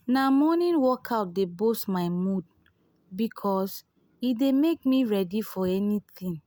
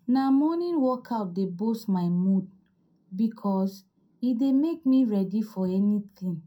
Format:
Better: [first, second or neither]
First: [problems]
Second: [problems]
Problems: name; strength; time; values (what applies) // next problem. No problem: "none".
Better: first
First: none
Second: room echo; dies away in 0.2 s